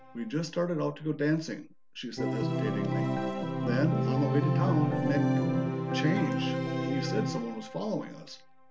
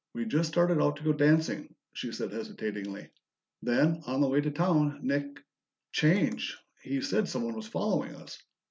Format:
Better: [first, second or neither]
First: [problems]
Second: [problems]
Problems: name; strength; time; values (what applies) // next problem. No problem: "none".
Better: second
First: background sound (Organ); 3 dB above the speech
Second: none